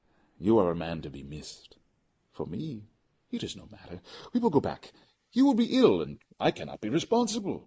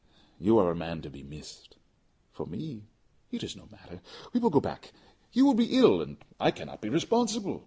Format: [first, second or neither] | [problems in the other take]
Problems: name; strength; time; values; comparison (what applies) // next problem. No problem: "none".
second | noise reduction (neural mask model Resemble Enhance denoiser)